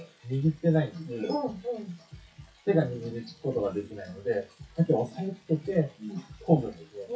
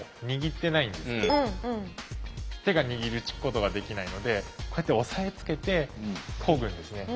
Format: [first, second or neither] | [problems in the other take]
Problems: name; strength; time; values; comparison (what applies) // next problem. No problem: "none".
second | noise reduction (classical method WPE with log-MMSE)